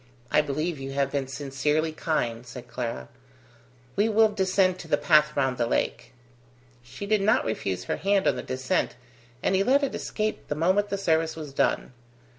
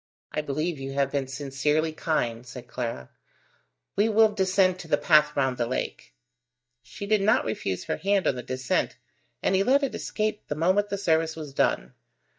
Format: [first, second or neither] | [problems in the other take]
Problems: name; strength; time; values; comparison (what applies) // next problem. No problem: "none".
first | noise reduction (neural mask model DeepFilterNet 3)